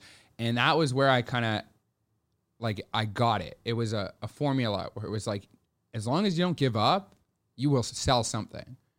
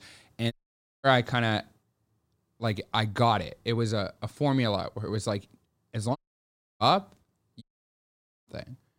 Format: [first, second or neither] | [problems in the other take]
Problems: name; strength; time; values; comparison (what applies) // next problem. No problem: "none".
first | audio cutting out; at 0.5 s for 0.5 s, at 6 s for 0.5 s and at 7.5 s for 1 s